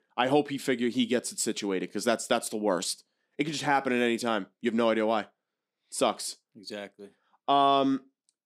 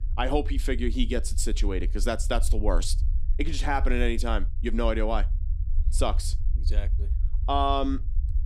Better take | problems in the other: first | low rumble; faint; throughout; 20 dB below the speech

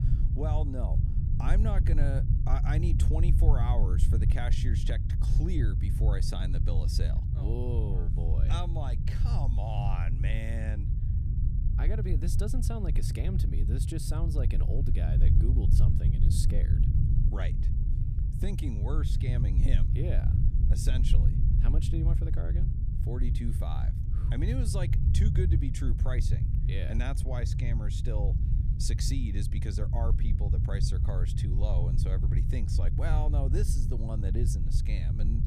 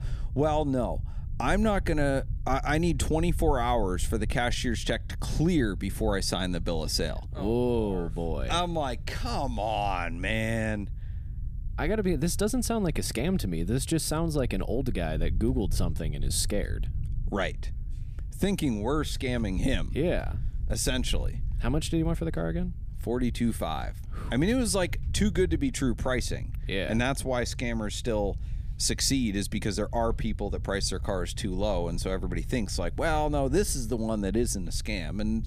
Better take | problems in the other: second | low rumble; loud; throughout; 2 dB below the speech; faint in the second

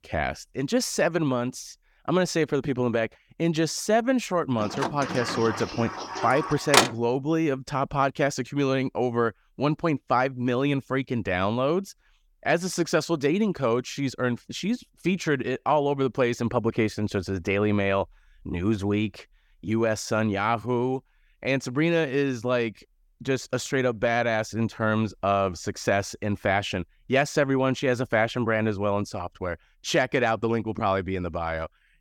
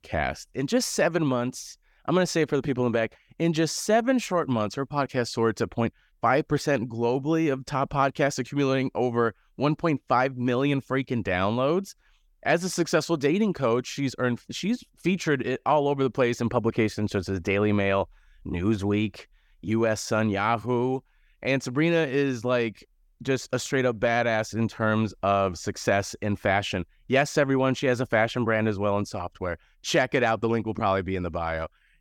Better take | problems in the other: second | door banging; loud; from 5 to 7 s; peak 6 dB above the speech

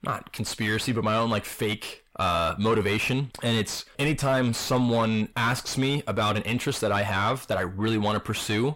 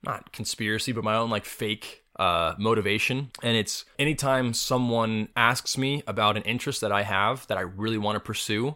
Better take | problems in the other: second | distortion; heavy; 7 dB below the speech

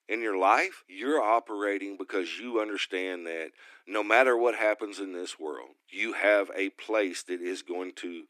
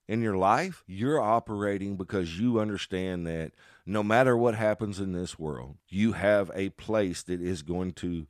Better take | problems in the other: second | thin; somewhat; fading below 300 Hz

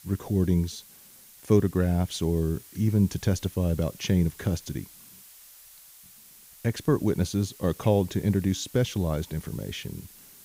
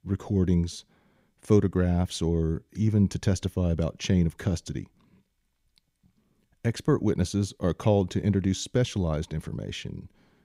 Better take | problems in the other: second | hiss; faint; throughout; 20 dB below the speech

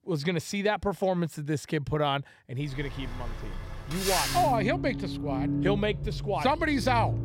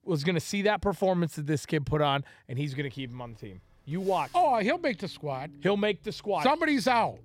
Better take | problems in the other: second | traffic noise; loud; from 2.5 s on; 4 dB below the speech; faint in the second

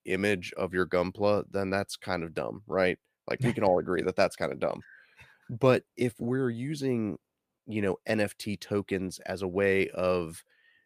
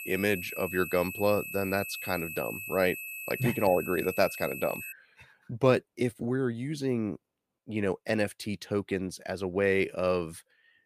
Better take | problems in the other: first | high-pitched whine; loud; until 5 s; 2.5 kHz, 7 dB below the speech

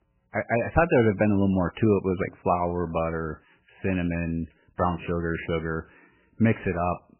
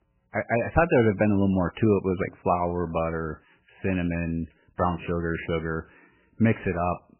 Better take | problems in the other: neither | garbled, watery; badly; nothing above 2.5 kHz; the same in both

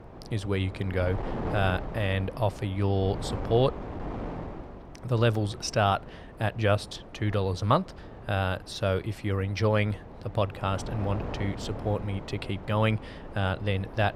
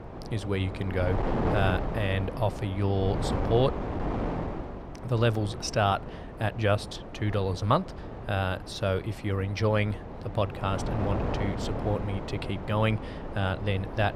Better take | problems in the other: first | wind noise on the microphone; heavy; 7 dB below the speech; occasional gusts in the first

